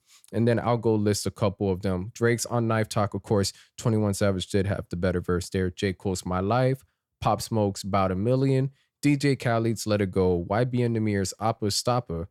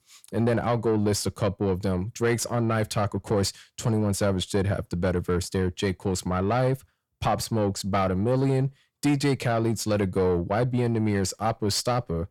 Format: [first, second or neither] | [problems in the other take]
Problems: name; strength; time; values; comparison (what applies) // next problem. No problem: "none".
first | distortion; slight; 10 dB below the speech